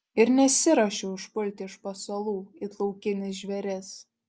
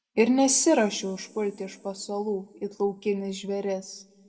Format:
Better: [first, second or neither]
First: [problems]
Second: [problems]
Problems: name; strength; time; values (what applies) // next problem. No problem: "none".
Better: first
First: none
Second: room echo; dies away in 1.7 s